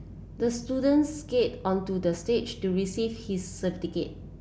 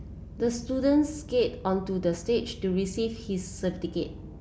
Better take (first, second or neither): first